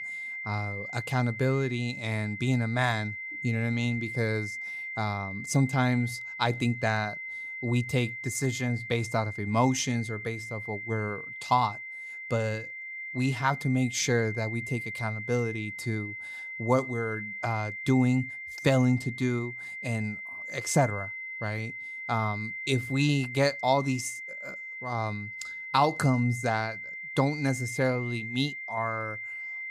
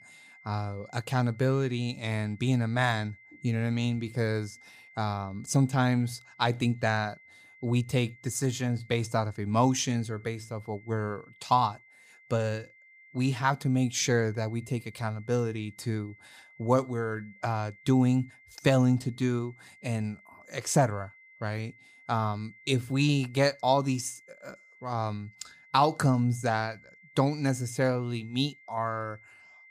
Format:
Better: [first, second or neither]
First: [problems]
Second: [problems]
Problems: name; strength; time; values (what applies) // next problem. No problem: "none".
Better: second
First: high-pitched whine; loud; throughout; 2 kHz, 7 dB below the speech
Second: high-pitched whine; faint; throughout; 2 kHz, 25 dB below the speech